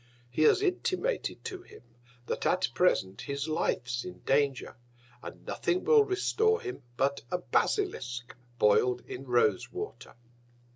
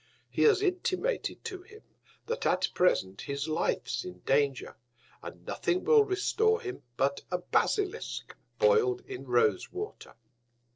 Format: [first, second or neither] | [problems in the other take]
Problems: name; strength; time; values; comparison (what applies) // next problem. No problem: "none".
first | noise reduction (neural separator model SepFormer DNS4)